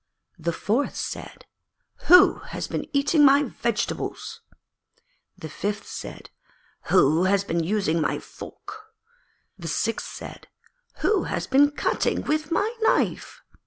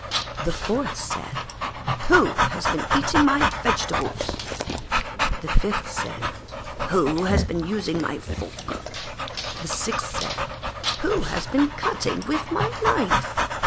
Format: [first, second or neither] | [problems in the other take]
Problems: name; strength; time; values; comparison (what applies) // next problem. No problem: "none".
first | background sound (Dog); 1 dB above the speech